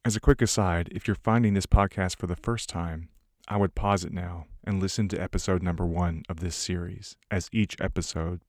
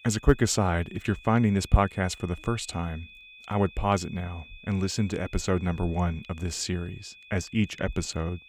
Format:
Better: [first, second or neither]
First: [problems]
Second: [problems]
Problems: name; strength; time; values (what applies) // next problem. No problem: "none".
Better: first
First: none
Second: high-pitched whine; noticeable; throughout; 2.5 kHz, 20 dB below the speech